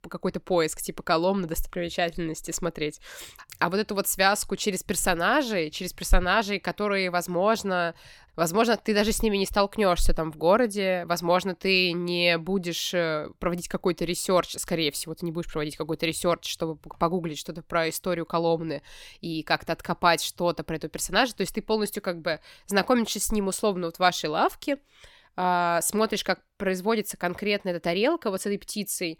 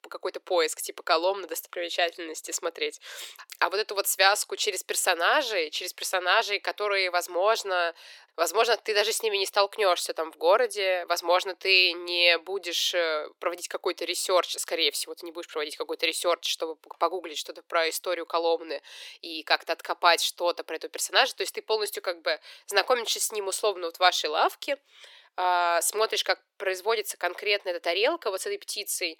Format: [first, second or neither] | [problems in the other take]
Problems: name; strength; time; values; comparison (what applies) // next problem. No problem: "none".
first | thin; very; fading below 400 Hz